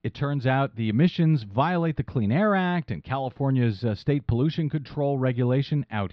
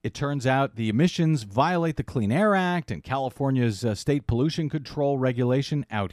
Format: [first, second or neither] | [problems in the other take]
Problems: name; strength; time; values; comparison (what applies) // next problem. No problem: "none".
second | muffled; very slightly; fading above 4 kHz